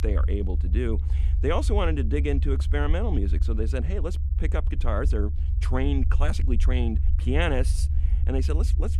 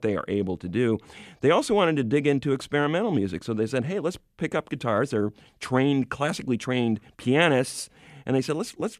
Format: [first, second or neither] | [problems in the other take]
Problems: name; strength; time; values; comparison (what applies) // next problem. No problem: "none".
second | low rumble; noticeable; throughout; 15 dB below the speech